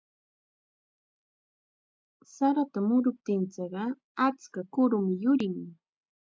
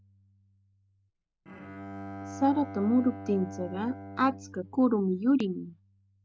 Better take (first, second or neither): first